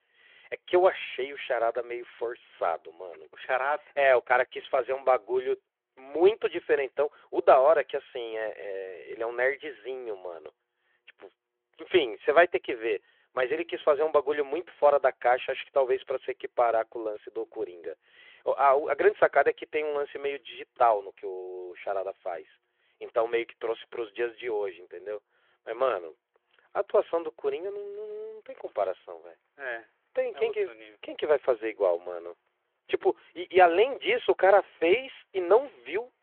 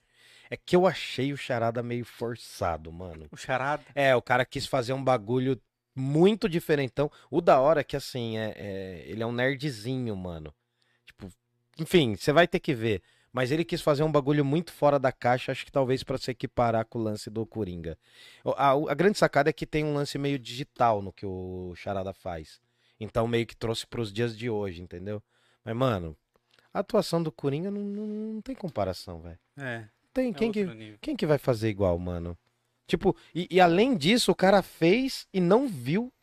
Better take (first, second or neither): second